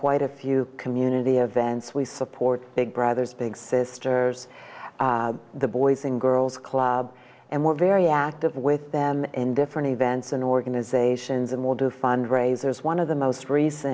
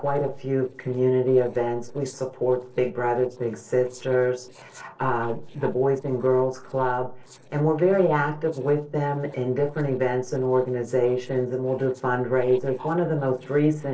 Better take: first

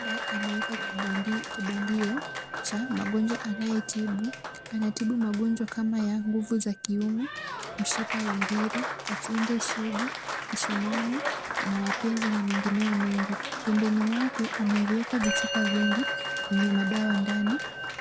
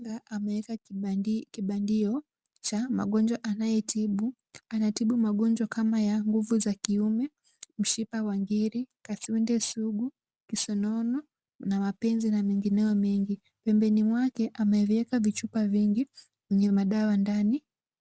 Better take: second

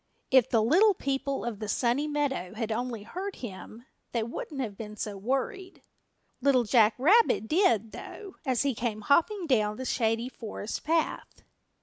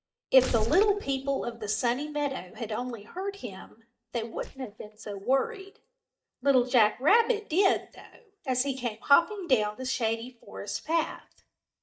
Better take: first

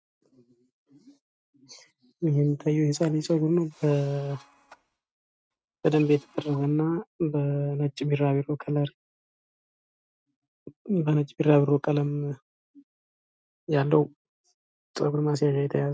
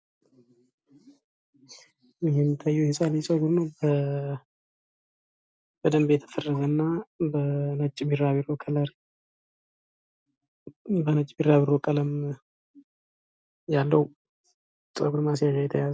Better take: second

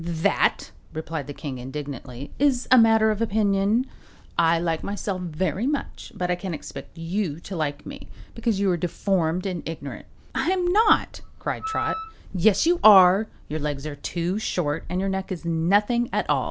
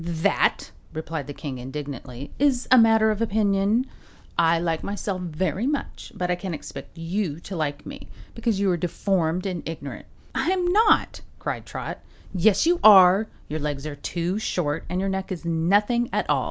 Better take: second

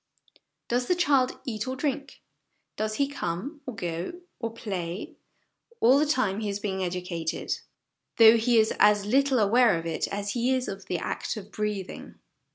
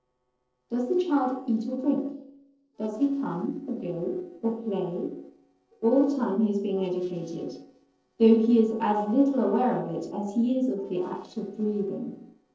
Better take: first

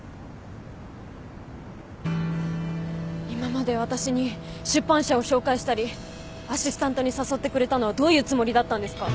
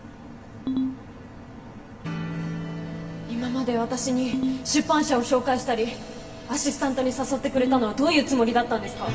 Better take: first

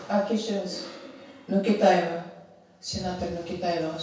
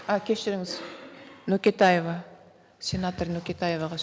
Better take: second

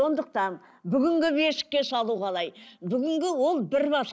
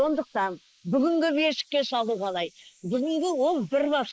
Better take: first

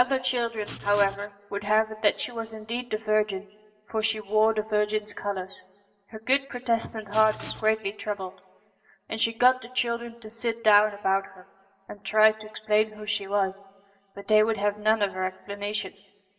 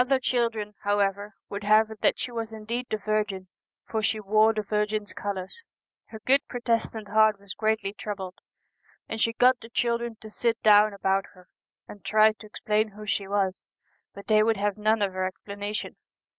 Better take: second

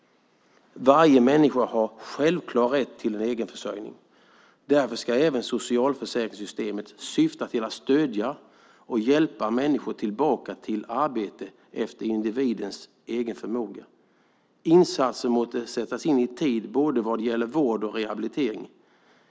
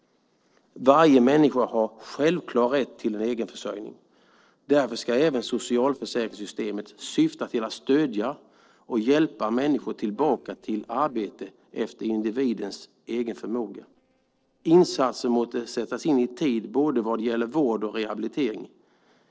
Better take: first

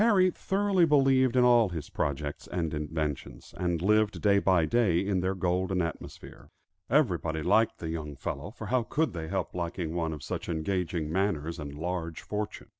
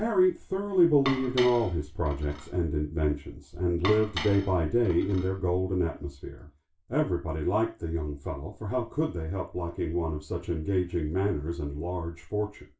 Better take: first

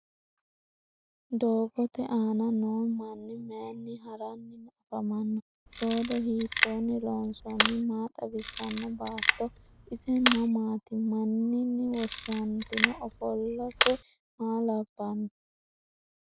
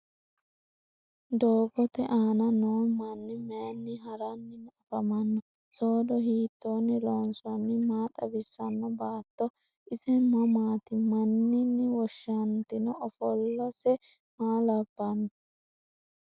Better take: second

